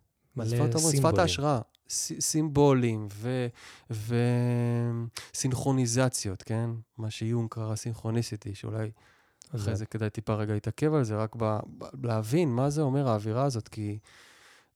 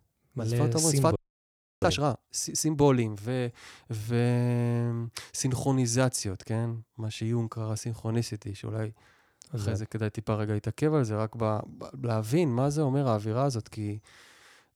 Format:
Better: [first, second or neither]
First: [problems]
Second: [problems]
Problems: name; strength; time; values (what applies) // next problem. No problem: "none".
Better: first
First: none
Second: audio freezing; at 1 s for 0.5 s